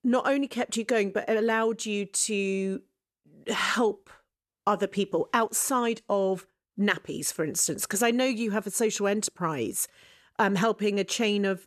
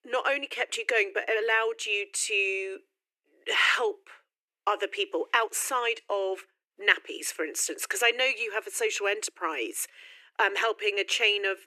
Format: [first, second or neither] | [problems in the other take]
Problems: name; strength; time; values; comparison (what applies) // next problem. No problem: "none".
first | thin; very; fading below 300 Hz